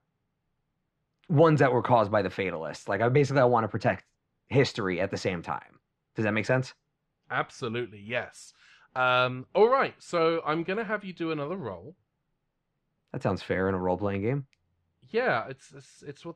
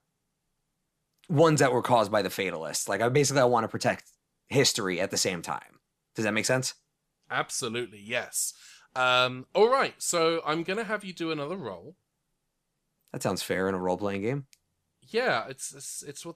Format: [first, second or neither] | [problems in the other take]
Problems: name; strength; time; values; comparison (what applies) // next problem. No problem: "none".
second | muffled; slightly; fading above 2.5 kHz